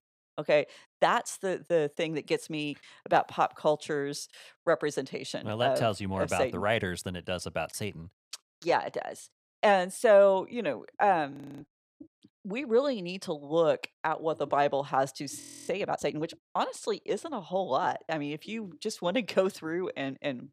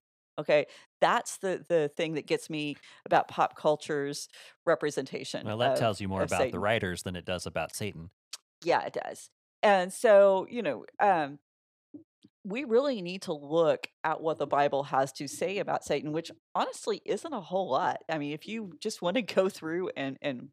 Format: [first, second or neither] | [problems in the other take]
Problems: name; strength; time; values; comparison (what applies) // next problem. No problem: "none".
second | audio freezing; at 11 s and at 15 s